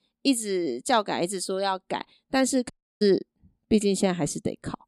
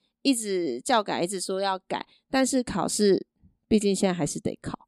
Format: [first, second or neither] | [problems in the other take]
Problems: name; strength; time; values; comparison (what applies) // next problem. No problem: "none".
second | audio cutting out; at 2.5 s